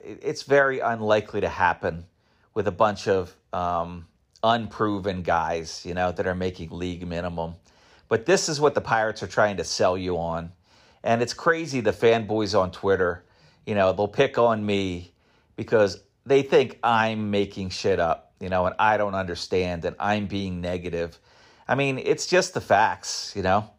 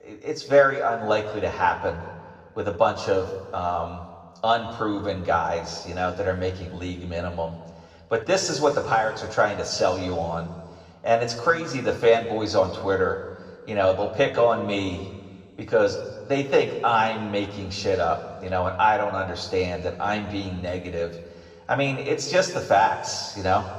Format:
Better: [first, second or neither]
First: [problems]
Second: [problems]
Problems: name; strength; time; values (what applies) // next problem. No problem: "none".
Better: first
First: none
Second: room echo; slight; dies away in 1.4 s // off-mic speech; somewhat distant